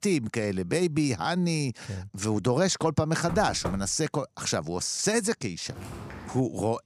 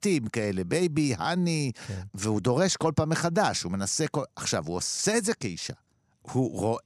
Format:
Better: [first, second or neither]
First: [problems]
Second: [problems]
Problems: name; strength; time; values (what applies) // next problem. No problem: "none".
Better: second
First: door banging; noticeable; at 3.5 s; peak 9 dB below the speech // footsteps; faint; at 5.5 s; peak 15 dB below the speech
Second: none